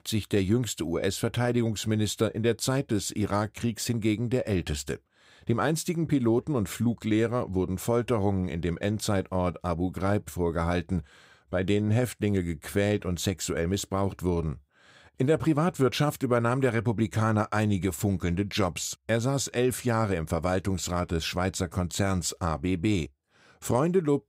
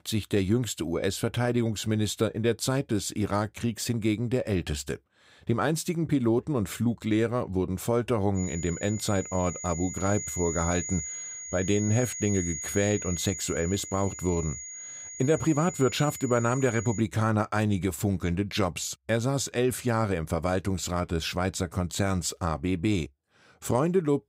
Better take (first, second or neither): first